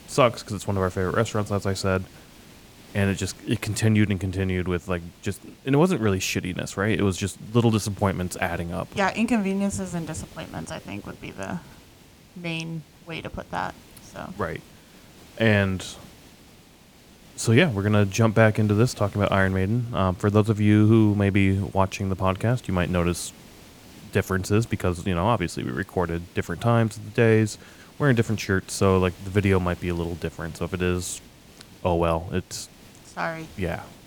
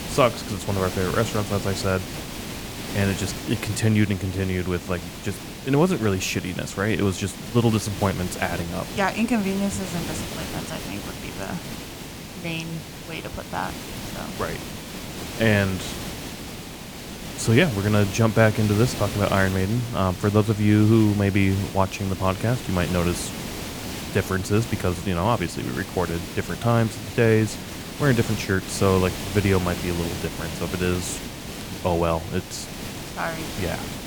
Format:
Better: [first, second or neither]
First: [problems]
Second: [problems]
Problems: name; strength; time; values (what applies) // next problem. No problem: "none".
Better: first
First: hiss; faint; throughout; 25 dB below the speech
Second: hiss; loud; throughout; 9 dB below the speech